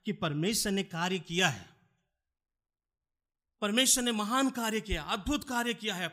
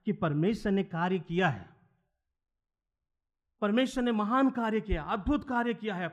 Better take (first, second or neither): first